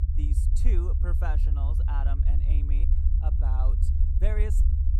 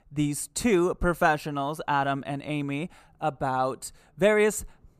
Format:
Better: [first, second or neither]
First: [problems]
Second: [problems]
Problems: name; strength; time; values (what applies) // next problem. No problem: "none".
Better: second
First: low rumble; loud; throughout; 3 dB below the speech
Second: none